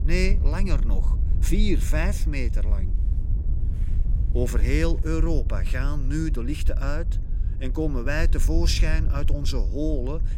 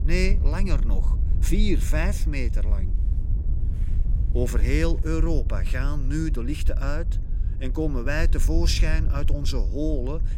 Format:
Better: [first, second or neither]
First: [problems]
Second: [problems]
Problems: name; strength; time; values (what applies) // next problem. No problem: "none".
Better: neither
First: wind noise on the microphone; occasional gusts; 15 dB below the speech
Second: wind noise on the microphone; occasional gusts; 15 dB below the speech